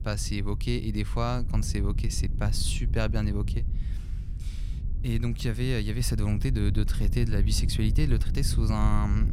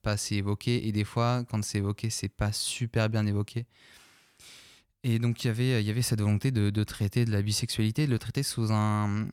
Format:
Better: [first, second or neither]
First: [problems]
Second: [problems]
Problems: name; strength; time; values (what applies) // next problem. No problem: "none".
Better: second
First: wind noise on the microphone; occasional gusts; 15 dB below the speech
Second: none